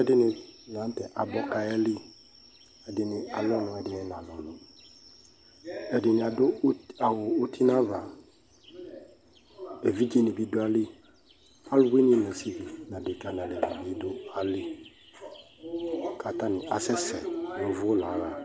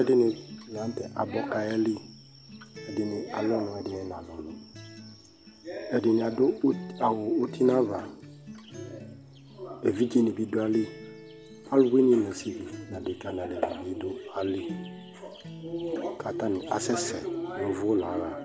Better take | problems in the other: first | background sound (Acoustic guitar); 17 dB below the speech

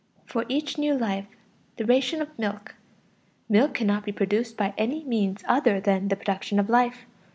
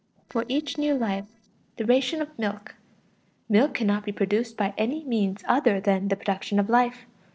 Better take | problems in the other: first | noise reduction (neural separator model SepFormer DNS4)

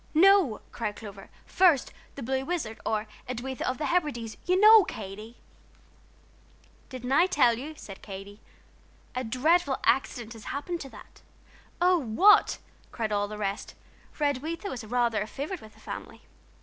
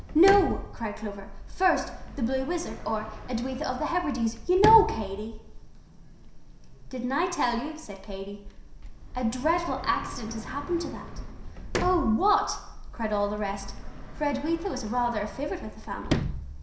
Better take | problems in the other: first | background sound (Sliding door); 8 dB below the speech // room echo; dies away in 0.7 s

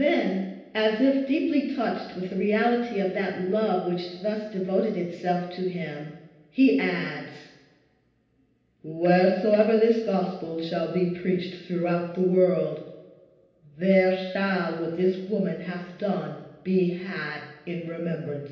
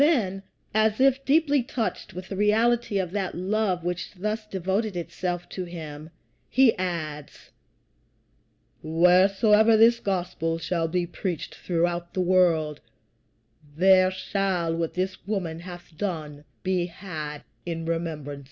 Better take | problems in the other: second | room echo; dies away in 0.9 s

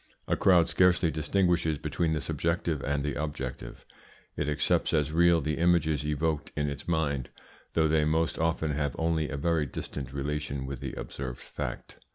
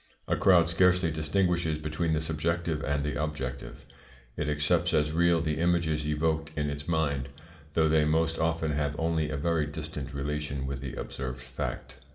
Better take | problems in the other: first | room echo; dies away in 1.6 s

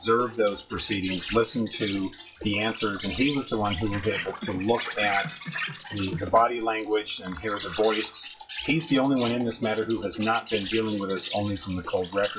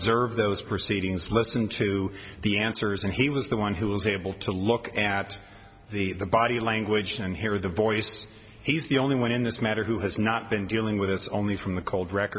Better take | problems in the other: second | noise reduction (classical method WPE with log-MMSE)

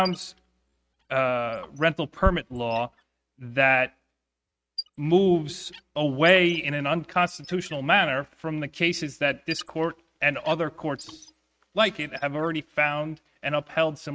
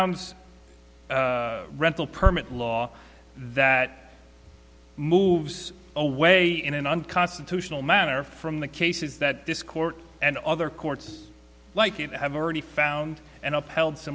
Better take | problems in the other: second | noise reduction (neural mask model RNNoise)

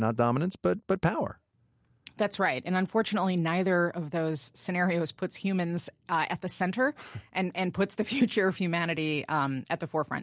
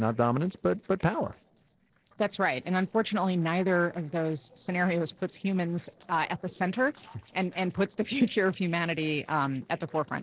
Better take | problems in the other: first | noise reduction (neural separator model SepFormer DNS4)

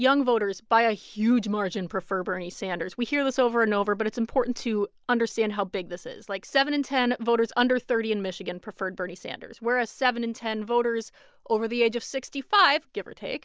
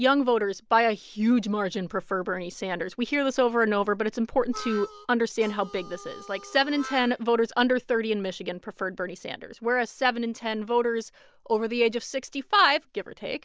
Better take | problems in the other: first | background sound (Harmonica); 16 dB below the speech

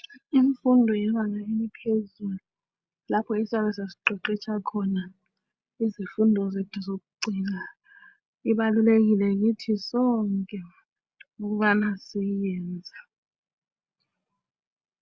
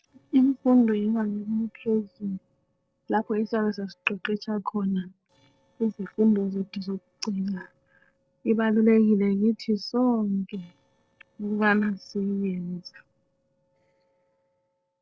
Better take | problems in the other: first | noise reduction (neural separator model SepFormer DNS4)

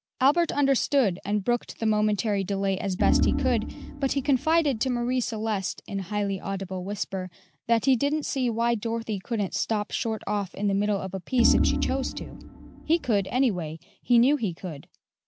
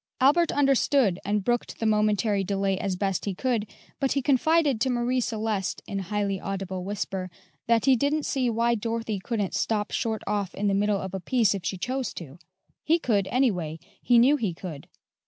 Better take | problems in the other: second | background sound (Organ); 2 dB below the speech

